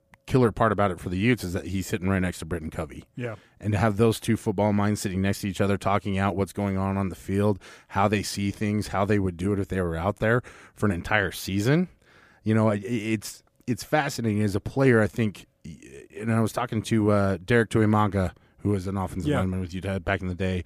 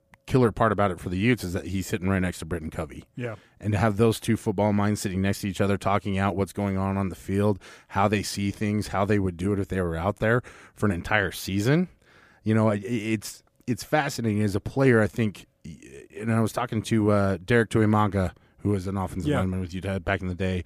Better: neither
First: none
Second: none

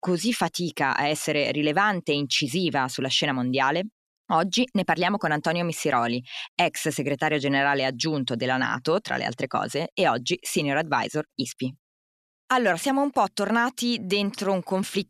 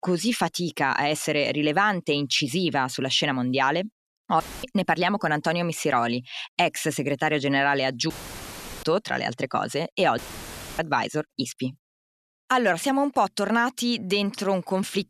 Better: first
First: none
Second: audio cutting out; filled with static; at 4.5 s, at 8 s for 0.5 s and at 10 s for 0.5 s

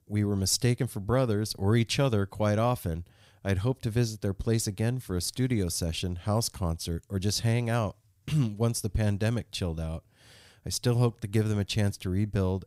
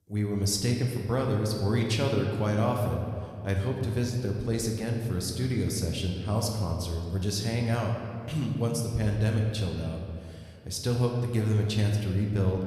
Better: first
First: none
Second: room echo; noticeable; dies away in 1.9 s

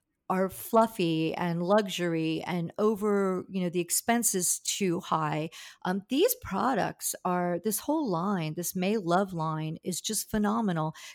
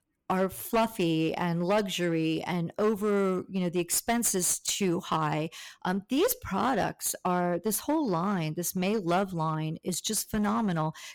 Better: first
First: none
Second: distortion; slight; 8% of the sound clipped

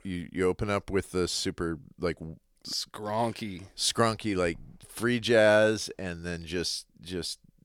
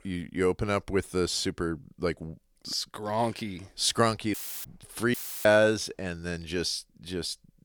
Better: first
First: none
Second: audio cutting out; filled with static; at 4.5 s and at 5 s

